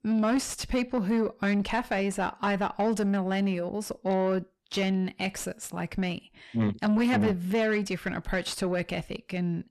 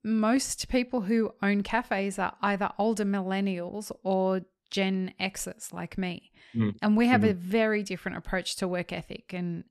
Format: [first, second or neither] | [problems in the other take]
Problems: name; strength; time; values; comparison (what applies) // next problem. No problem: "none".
second | distortion; slight; 9 dB below the speech